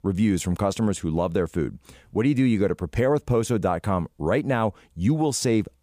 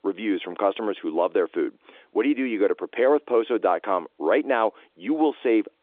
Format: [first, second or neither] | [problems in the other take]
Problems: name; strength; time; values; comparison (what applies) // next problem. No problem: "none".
first | phone-call audio; nothing above 3.5 kHz